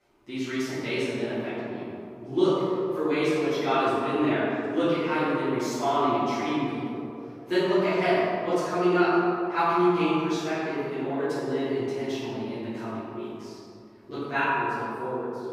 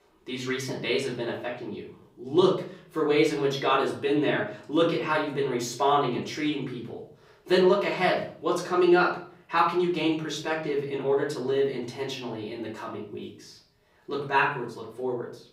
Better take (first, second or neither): second